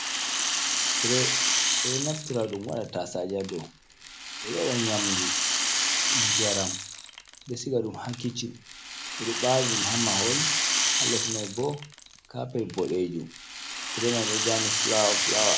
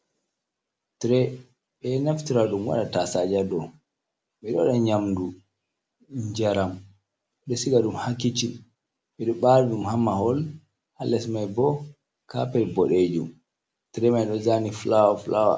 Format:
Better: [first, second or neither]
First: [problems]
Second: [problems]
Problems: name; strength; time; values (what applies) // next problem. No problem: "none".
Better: second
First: background sound (Rattle); 3 dB above the speech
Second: none